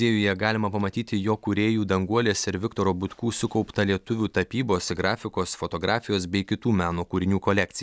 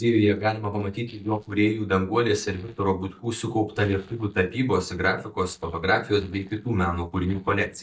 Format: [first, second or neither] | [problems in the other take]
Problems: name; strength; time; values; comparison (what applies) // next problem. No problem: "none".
first | noise reduction (neural mask model DeepFilterNet 3)